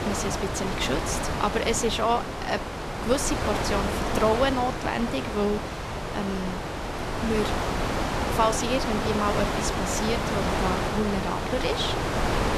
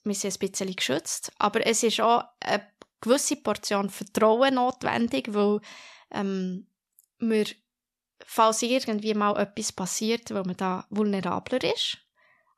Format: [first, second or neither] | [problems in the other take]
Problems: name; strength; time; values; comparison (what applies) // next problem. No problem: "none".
second | wind noise on the microphone; heavy; 1 dB below the speech